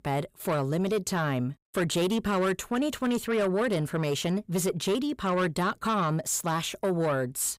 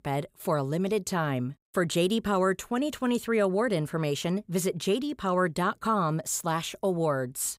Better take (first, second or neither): second